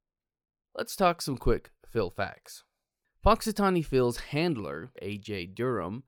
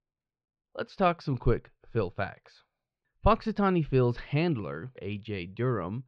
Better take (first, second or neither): first